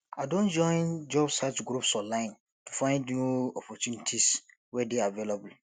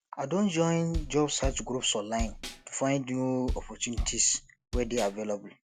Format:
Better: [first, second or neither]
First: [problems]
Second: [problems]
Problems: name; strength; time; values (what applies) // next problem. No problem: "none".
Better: first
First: none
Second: background sound (Bass drum); 6 dB below the speech